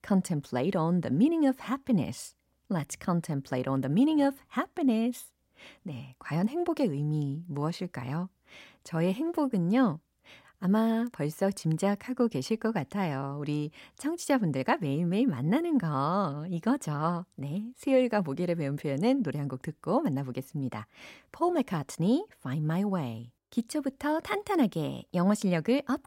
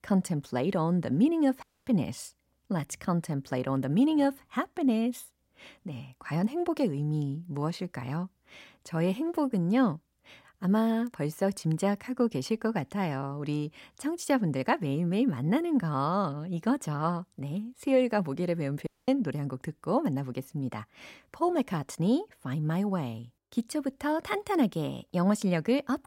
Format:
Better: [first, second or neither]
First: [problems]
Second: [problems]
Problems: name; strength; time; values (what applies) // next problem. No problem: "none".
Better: first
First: none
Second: audio cutting out; at 1.5 s and at 19 s